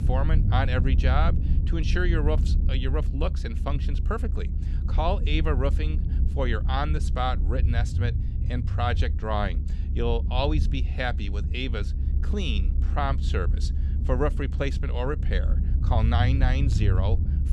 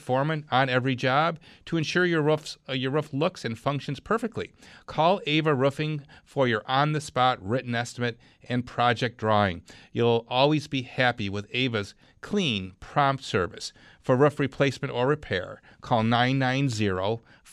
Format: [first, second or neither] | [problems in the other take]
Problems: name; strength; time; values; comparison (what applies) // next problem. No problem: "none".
second | low rumble; noticeable; throughout; 10 dB below the speech